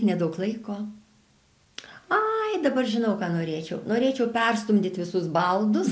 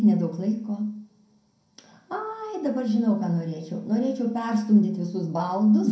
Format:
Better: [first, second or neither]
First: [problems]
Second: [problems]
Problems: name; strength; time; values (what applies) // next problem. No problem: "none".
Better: first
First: none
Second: room echo; dies away in 0.4 s